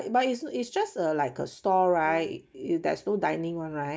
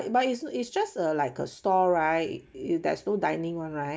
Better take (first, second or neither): second